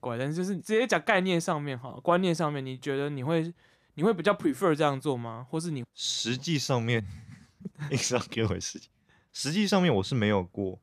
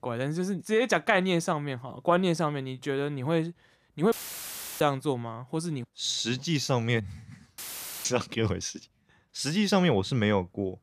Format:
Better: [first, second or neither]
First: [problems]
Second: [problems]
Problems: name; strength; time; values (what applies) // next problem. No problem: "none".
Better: first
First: none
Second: audio cutting out; filled with static; at 4 s for 0.5 s and at 7.5 s